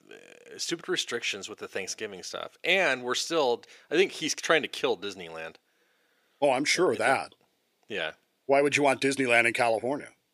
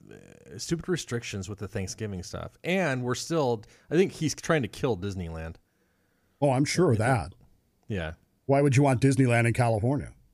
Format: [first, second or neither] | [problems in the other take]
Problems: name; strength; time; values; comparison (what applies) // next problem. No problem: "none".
second | thin; somewhat; fading below 400 Hz